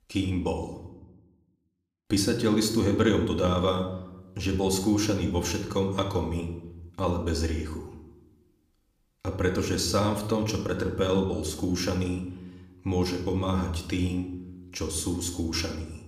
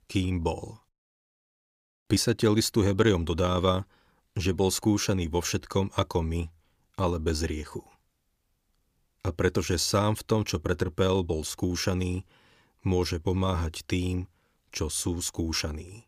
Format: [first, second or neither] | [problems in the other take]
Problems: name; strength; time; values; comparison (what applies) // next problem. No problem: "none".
second | room echo; slight; dies away in 0.7 s